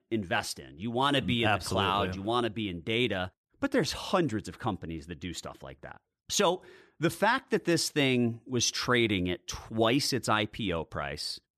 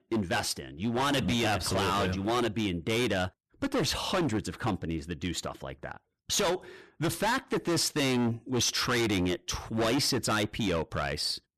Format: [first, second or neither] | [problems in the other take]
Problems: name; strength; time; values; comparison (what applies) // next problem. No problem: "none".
first | distortion; heavy; 19% of the sound clipped